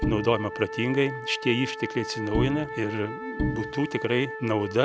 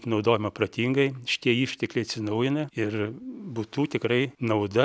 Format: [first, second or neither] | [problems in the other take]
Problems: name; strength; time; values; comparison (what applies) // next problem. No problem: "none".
second | background sound (Wind instrument, woodwind instrument + Bowed string instrument); 5 dB below the speech